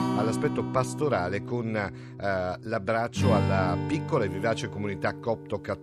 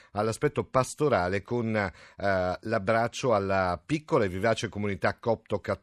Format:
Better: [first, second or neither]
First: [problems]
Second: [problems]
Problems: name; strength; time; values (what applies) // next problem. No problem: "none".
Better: second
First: background music; loud; throughout; 2 dB below the speech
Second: none